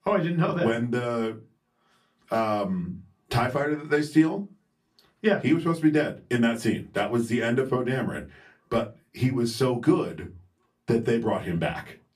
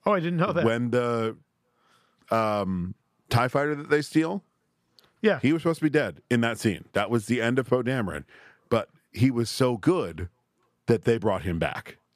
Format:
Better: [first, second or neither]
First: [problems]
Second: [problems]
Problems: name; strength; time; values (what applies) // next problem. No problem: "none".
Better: second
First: off-mic speech; far // room echo; very slight; dies away in 0.2 s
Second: none